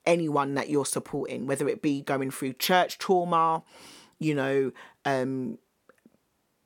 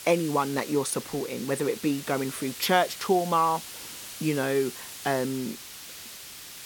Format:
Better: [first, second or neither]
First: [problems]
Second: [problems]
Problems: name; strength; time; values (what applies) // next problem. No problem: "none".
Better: first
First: none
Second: hiss; noticeable; throughout; 10 dB below the speech